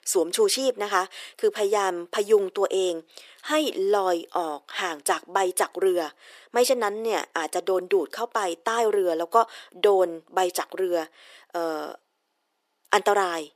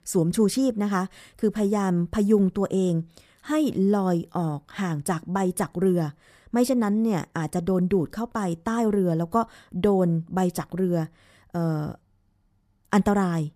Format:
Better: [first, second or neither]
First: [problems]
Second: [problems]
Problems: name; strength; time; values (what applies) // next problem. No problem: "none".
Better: second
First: thin; very; fading below 400 Hz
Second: none